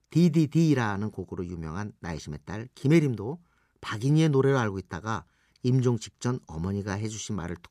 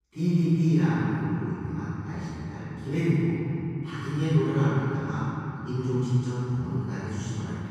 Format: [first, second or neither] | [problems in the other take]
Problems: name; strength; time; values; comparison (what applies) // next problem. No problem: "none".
first | off-mic speech; far // room echo; strong; dies away in 3 s